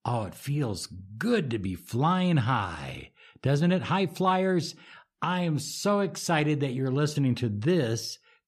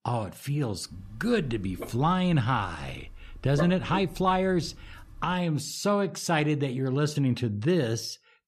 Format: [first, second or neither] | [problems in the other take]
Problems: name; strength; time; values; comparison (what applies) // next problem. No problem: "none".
first | dog barking; noticeable; from 1 to 5.5 s; peak 7 dB below the speech